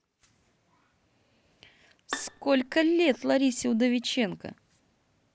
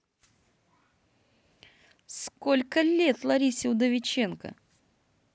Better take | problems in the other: second | background sound (Bowed string instrument); 15 dB below the speech

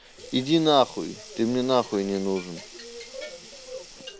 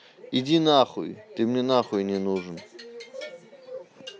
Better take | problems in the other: second | background sound (Sink (filling or washing)); 19 dB below the speech

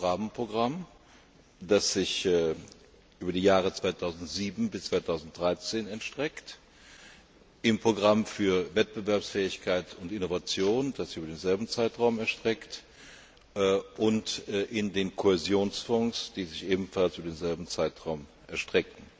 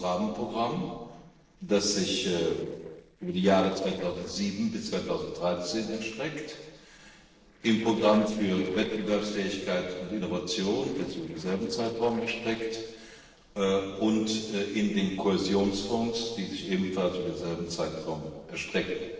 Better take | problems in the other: first | noise reduction (neural separator model SepFormer DNS4)

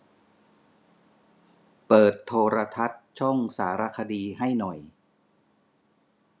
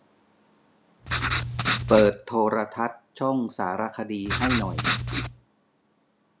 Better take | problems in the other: first | background sound (Writing); as loud as the speech

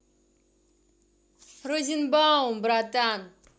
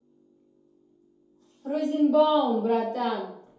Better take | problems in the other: first | room echo; dies away in 2.4 s

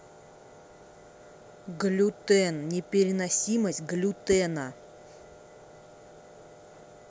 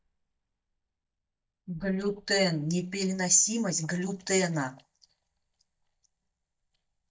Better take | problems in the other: first | noise reduction (neural mask model DeepFilterNet 3)

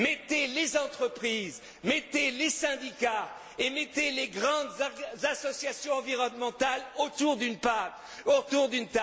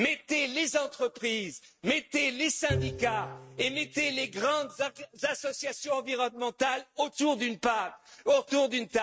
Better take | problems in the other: first | noise reduction (neural mask model RNNoise)

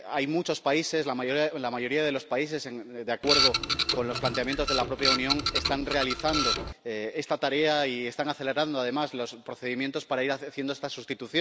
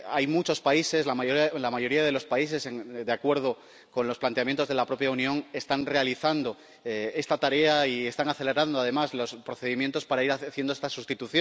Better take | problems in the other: second | background sound (Printer); 1 dB above the speech

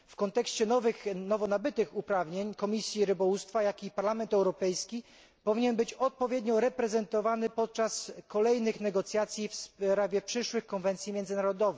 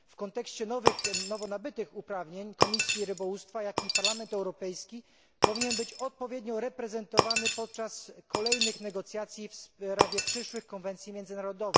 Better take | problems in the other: first | background sound (Shatter); 3 dB above the speech

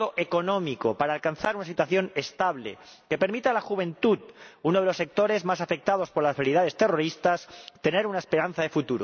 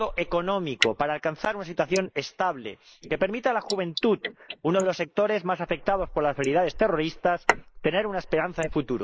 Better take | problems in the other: first | noise reduction (neural mask model Resemble Enhance denoiser)

